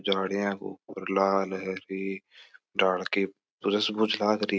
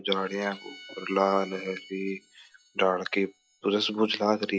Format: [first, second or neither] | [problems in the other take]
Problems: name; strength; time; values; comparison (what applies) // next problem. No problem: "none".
first | noise reduction (classical method log-MMSE)